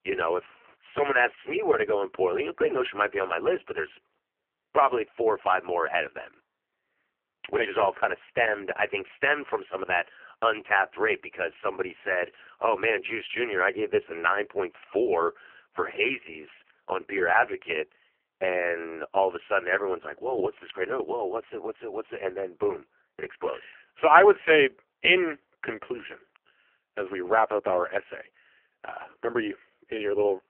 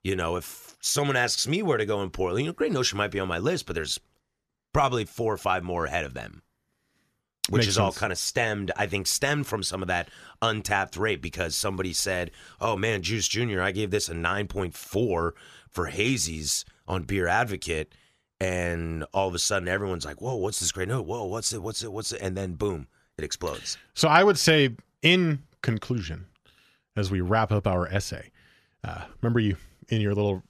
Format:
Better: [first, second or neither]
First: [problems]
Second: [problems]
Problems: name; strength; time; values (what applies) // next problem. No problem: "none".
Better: second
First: phone-call audio; poor line; nothing above 3 kHz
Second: none